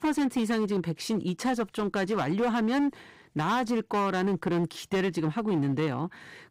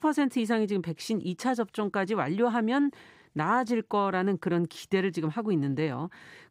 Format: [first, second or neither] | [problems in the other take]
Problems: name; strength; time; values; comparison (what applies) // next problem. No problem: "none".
second | distortion; slight; 15% of the sound clipped